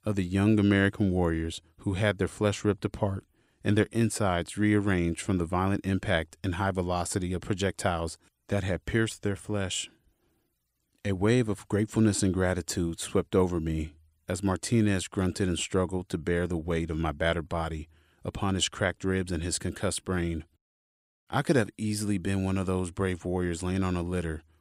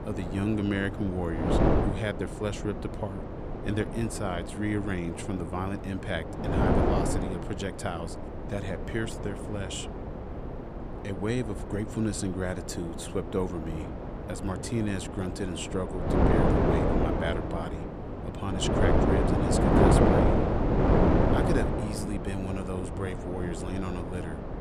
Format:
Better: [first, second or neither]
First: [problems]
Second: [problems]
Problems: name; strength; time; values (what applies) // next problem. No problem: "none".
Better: first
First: none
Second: wind noise on the microphone; heavy; 3 dB above the speech